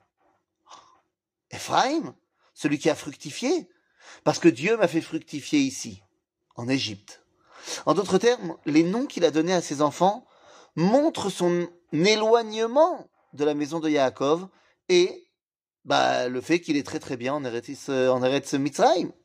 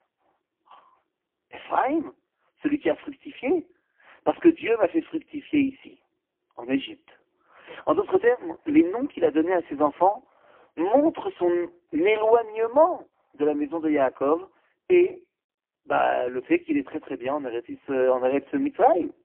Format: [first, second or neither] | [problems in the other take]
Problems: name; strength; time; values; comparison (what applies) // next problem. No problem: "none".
first | phone-call audio; poor line